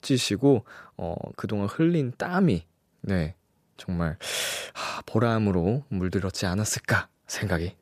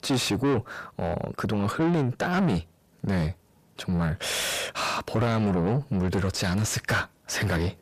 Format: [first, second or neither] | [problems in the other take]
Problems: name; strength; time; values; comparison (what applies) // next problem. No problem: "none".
first | distortion; heavy; 6 dB below the speech